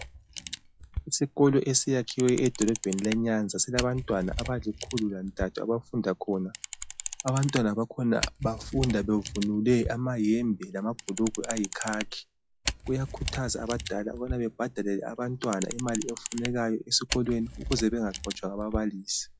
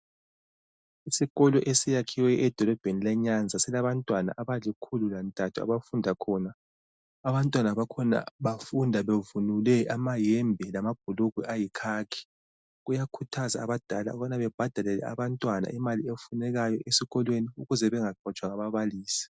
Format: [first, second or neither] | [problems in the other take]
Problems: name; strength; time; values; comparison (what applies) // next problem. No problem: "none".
second | noise reduction (classical method log-MMSE)